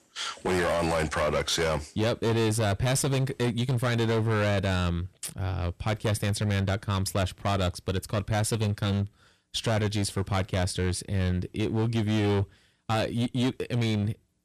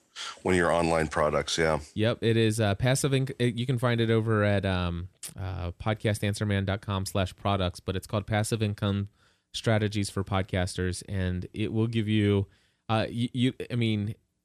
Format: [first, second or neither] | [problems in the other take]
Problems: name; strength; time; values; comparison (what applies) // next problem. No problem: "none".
second | distortion; heavy; 18% of the sound clipped